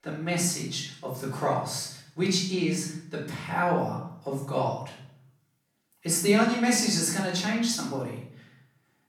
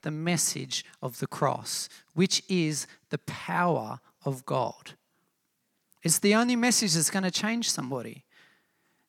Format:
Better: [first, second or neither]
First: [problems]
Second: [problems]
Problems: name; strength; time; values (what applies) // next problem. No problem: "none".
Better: second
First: off-mic speech; far // room echo; noticeable; dies away in 0.6 s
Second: none